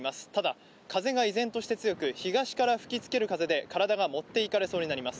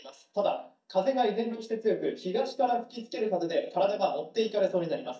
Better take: first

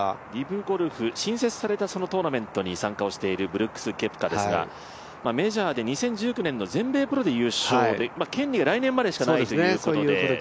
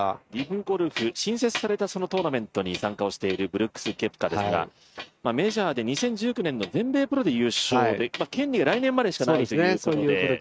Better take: first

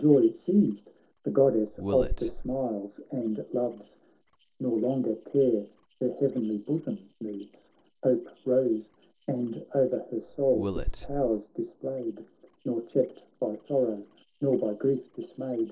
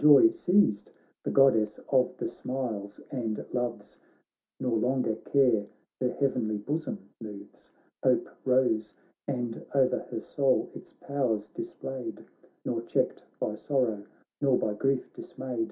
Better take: second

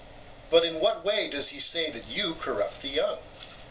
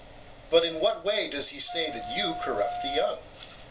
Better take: first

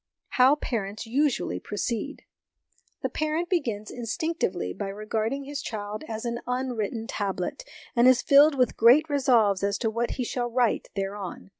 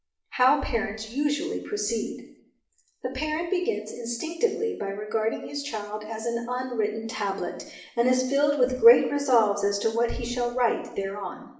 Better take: first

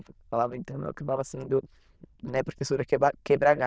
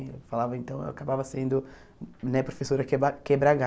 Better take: second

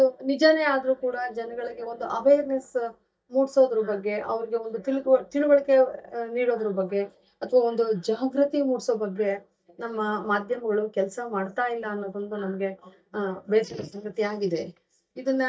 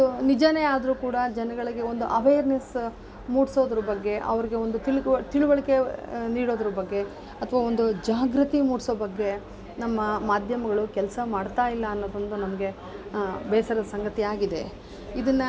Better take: second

